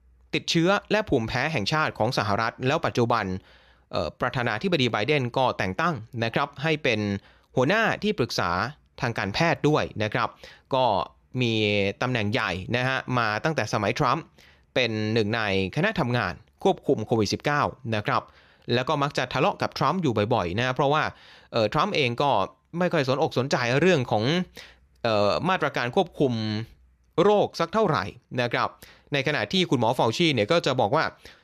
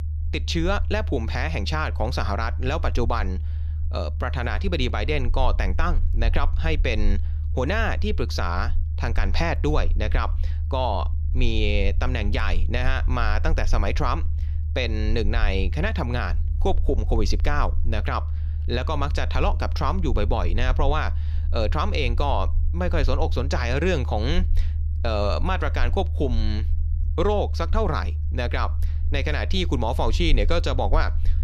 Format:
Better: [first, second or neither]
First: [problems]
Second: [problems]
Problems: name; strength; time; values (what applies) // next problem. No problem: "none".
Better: first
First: none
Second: low rumble; noticeable; throughout; 20 dB below the speech